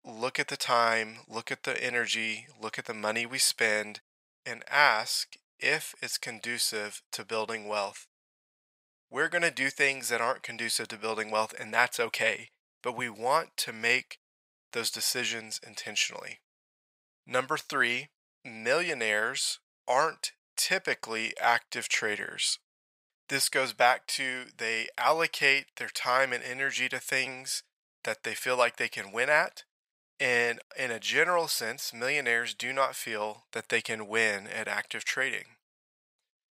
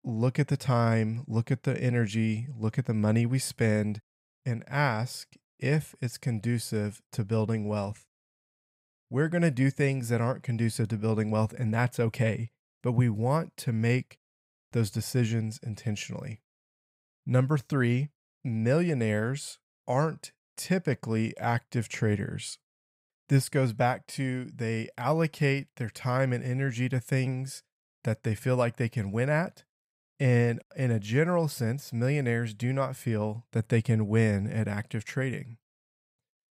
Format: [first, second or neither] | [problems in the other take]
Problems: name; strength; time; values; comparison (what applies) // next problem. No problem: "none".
second | thin; very; fading below 800 Hz